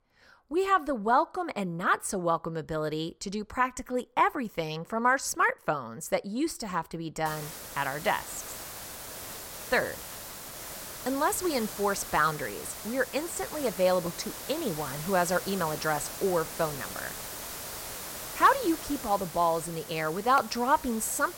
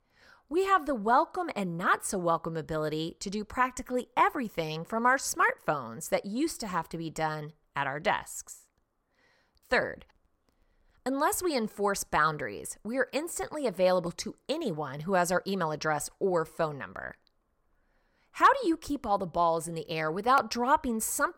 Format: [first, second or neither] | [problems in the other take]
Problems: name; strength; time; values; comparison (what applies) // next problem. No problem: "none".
second | hiss; loud; from 7.5 s on; 10 dB below the speech